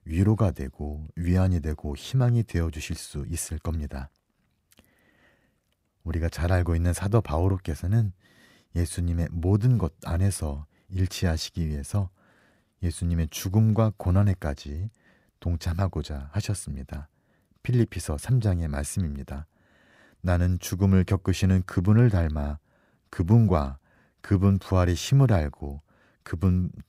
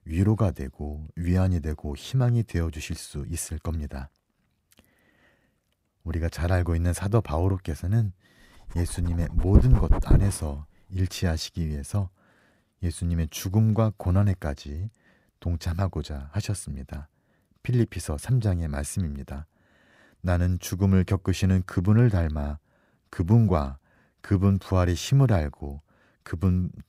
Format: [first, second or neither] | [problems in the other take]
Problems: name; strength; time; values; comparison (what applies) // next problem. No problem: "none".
first | dog barking; loud; from 9 to 10 s; peak 5 dB above the speech